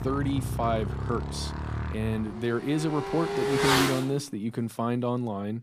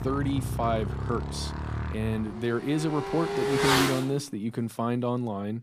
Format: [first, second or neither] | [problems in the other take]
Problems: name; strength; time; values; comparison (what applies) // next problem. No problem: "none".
neither | traffic noise; loud; until 4 s; 1 dB below the speech; the same in both